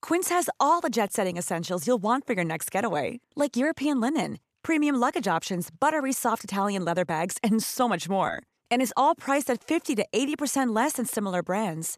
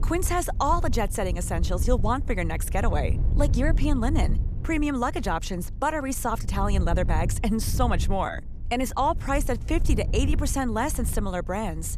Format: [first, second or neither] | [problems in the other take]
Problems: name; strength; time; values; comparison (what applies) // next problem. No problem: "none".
first | wind noise on the microphone; occasional gusts; 15 dB below the speech